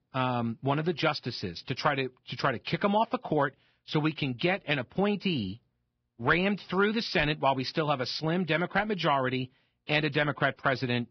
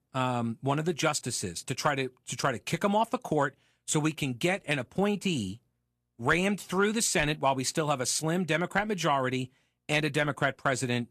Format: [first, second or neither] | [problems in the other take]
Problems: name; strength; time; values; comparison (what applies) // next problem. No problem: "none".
second | garbled, watery; badly; nothing above 5.5 kHz; slightly in the second